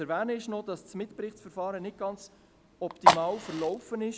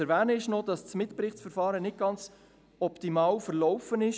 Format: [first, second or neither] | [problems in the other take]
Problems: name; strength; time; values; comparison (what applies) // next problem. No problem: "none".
second | background sound (Fire); 2 dB above the speech